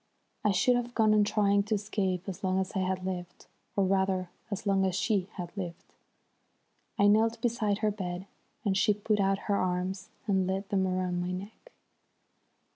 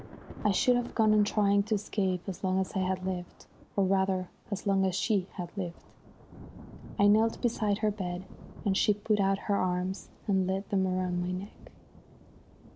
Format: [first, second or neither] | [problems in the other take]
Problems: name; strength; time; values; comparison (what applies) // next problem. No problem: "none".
first | background sound (Thunder / Rain); 19 dB below the speech